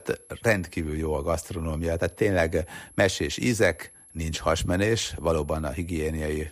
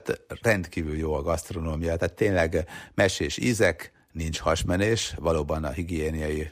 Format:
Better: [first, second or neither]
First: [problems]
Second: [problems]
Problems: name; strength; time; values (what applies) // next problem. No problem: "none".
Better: second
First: high-pitched whine; faint; throughout; 11 kHz, 25 dB below the speech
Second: none